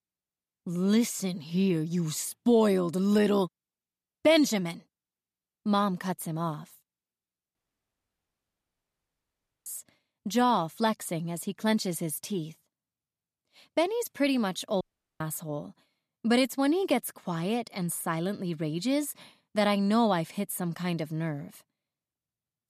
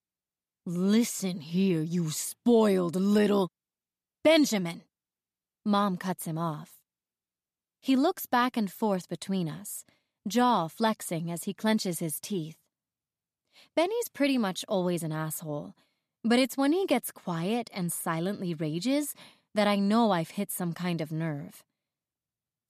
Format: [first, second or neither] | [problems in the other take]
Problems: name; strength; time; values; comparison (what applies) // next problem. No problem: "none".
second | audio cutting out; at 7.5 s for 2 s and at 15 s